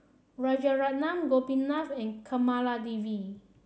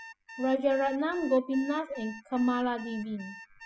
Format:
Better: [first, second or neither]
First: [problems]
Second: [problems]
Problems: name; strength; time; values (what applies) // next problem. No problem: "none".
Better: first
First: none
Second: noise reduction (classical method spectral subtraction)